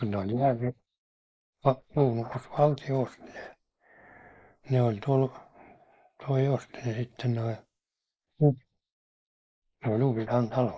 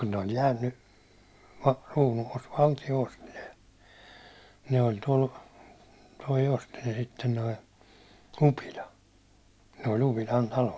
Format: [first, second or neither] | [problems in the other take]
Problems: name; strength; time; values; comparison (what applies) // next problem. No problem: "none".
second | noise reduction (neural mask model Resemble Enhance denoiser)